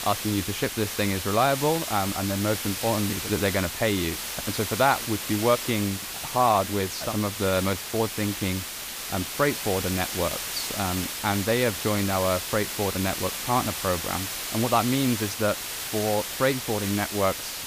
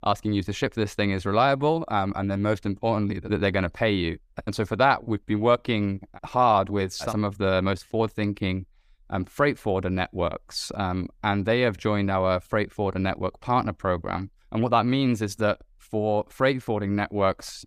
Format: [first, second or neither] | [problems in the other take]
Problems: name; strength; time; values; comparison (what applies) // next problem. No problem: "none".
second | hiss; loud; throughout; 4 dB below the speech